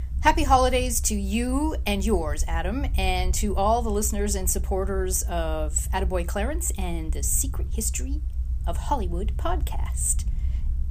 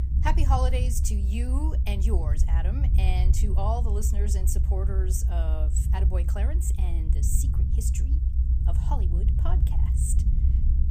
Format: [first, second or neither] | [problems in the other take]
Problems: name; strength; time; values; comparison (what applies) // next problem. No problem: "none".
first | low rumble; loud; throughout; 7 dB below the speech; faint in the first